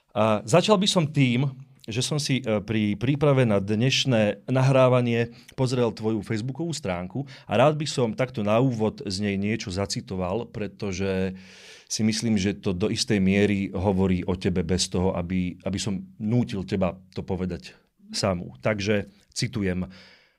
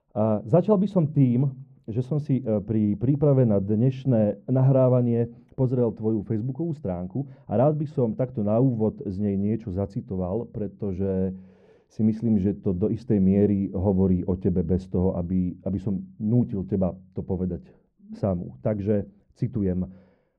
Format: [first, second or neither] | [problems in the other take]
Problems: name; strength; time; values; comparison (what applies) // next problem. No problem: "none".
first | muffled; very; fading above 1.5 kHz